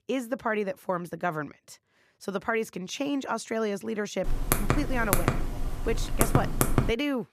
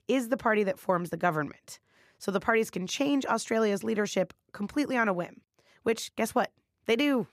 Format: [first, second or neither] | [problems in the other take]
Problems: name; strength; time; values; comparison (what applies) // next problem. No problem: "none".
second | keyboard typing; loud; from 4.5 s on; peak 5 dB above the speech